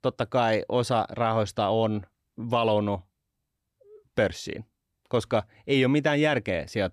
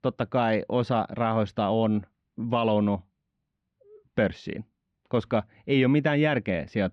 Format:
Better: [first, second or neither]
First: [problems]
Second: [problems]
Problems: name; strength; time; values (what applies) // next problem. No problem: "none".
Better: first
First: none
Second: muffled; slightly; fading above 2.5 kHz